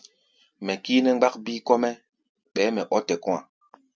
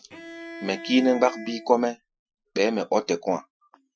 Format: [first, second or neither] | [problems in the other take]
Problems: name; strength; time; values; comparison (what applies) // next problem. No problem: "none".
first | noise reduction (classical method Wiener filter)